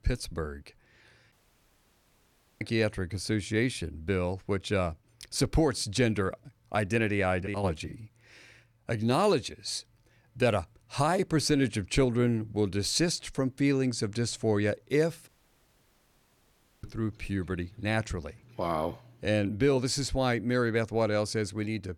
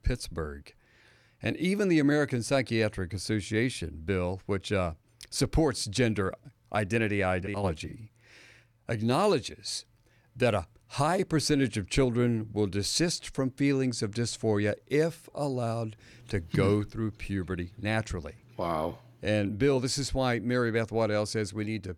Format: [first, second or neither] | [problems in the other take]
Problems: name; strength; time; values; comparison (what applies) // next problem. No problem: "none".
second | audio cutting out; at 1.5 s for 1.5 s and at 15 s for 1.5 s